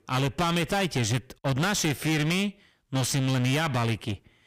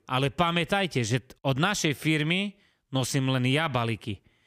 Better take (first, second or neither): second